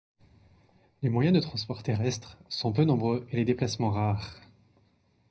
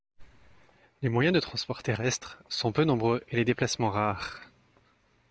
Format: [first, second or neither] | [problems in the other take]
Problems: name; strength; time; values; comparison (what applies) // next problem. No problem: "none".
second | room echo; dies away in 0.4 s